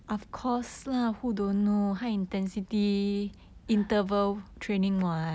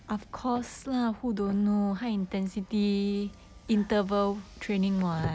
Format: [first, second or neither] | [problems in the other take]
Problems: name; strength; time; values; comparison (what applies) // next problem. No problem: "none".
first | background sound (Car); 18 dB below the speech